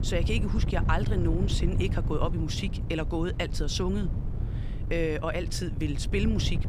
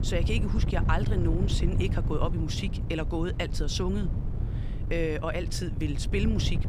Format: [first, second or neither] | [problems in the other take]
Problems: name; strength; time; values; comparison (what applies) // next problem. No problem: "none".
first | wind noise on the microphone; heavy; 10 dB below the speech; occasional gusts in the first